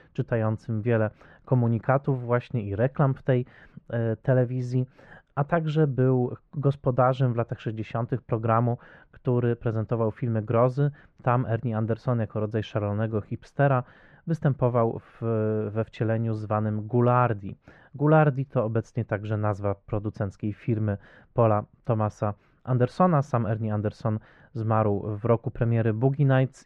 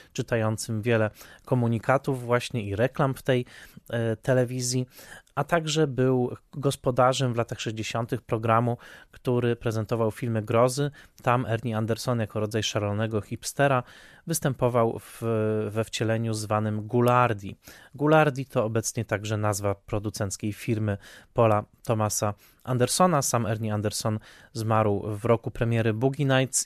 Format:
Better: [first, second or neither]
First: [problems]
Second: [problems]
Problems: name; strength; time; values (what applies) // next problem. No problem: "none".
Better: second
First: muffled; very; fading above 1.5 kHz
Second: none